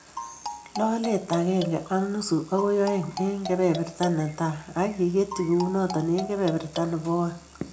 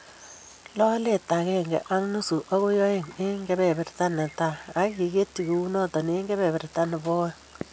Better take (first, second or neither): second